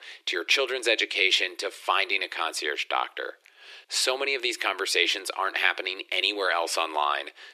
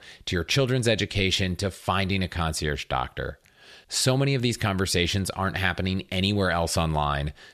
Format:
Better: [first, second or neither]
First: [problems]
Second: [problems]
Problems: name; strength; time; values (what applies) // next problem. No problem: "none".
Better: second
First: thin; very; fading below 300 Hz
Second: none